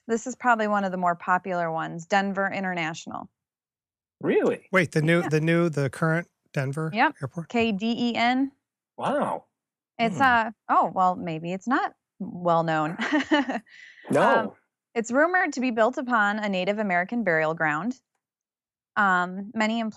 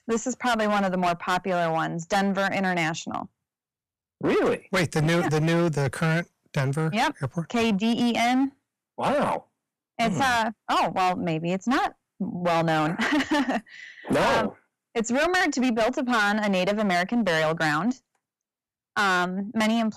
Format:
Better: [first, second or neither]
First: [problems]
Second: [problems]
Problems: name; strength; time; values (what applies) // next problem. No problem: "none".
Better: first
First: none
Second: distortion; heavy; 16% of the sound clipped